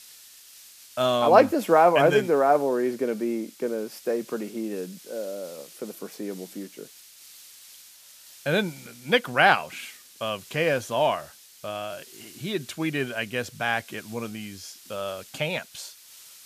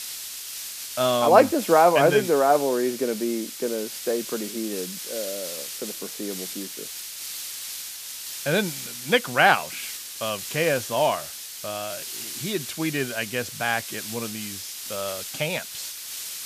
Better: first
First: hiss; faint; throughout; 20 dB below the speech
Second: hiss; loud; throughout; 9 dB below the speech

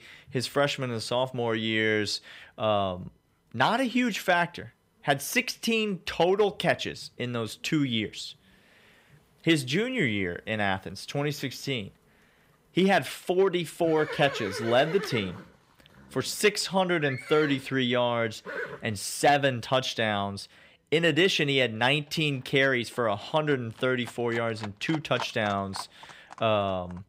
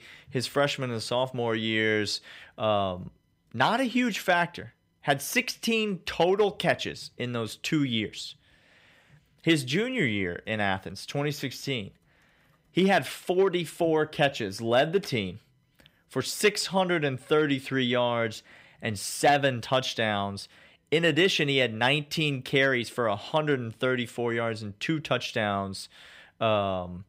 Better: second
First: animal sounds; noticeable; throughout; 15 dB below the speech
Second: none

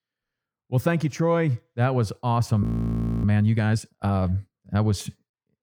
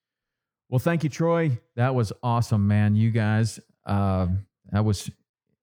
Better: second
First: audio freezing; at 2.5 s for 0.5 s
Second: none

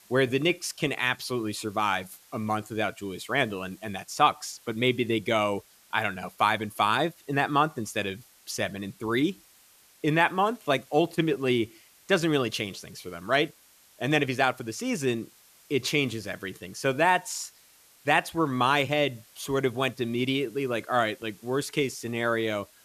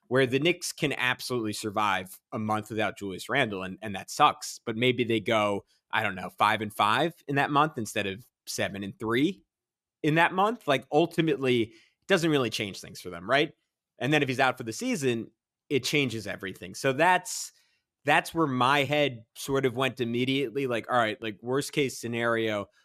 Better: second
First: hiss; faint; throughout; 25 dB below the speech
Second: none

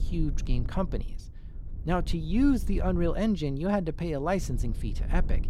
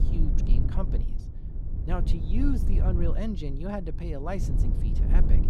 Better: first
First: low rumble; faint; throughout; 20 dB below the speech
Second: low rumble; loud; throughout; 6 dB below the speech

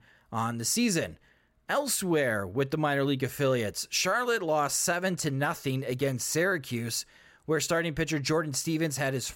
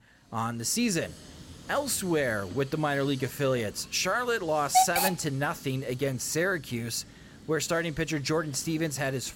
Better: first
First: none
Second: hiss; loud; throughout; 3 dB below the speech

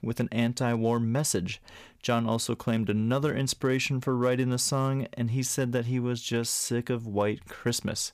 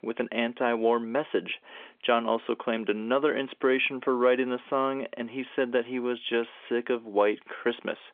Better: first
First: none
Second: phone-call audio; nothing above 3.5 kHz

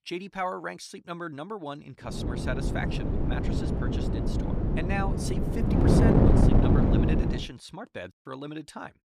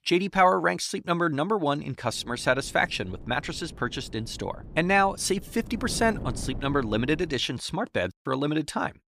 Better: second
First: wind noise on the microphone; heavy; from 2 to 7.5 s; 5 dB above the speech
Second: wind noise on the microphone; occasional gusts; from 2 to 7.5 s; 20 dB below the speech

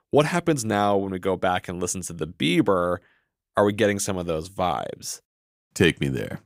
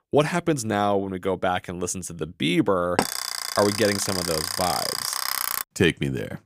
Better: first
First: none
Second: alarm; loud; from 3 to 5.5 s; peak 1 dB above the speech

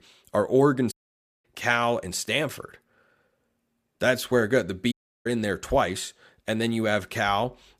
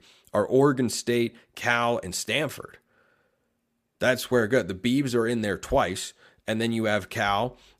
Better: second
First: audio cutting out; at 1 s for 0.5 s and at 5 s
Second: none

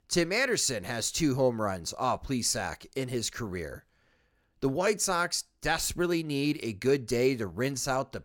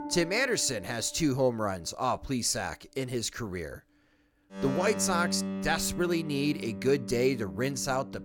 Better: first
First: none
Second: background music; loud; throughout; 8 dB below the speech

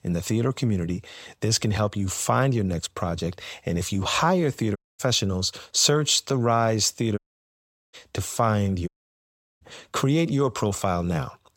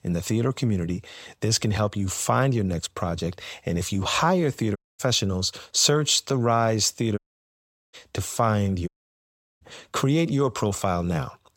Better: neither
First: audio cutting out; at 5 s, at 7 s for 1 s and at 9 s for 0.5 s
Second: audio cutting out; at 5 s, at 7 s for 1 s and at 9 s for 0.5 s

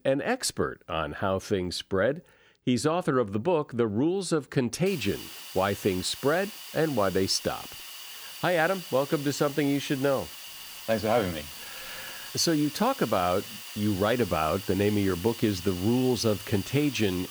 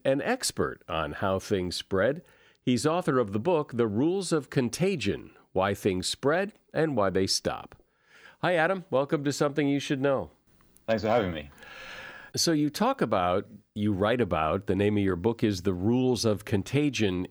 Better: second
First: hiss; noticeable; from 5 s on; 10 dB below the speech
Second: none

